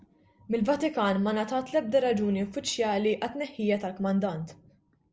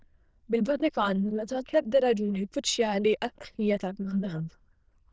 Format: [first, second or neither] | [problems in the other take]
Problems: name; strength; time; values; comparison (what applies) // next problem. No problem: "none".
first | noise reduction (neural diffusion model UNIVERSE++)